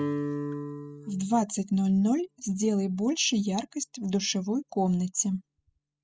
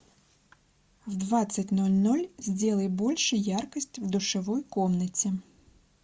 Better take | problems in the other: second | noise reduction (classical method spectral subtraction)

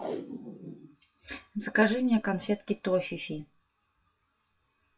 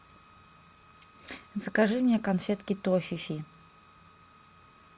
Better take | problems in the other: second | noise reduction (classical method WPE with log-MMSE)

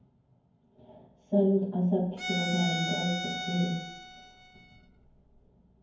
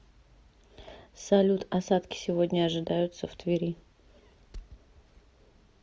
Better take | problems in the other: second | background sound (Bowed string instrument); 5 dB below the speech // room echo; dies away in 0.9 s

